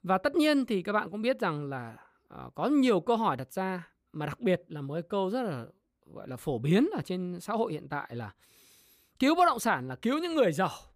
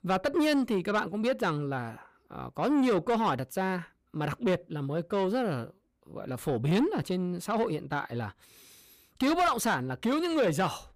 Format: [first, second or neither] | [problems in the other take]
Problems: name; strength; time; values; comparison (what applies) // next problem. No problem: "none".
first | distortion; slight; 10 dB below the speech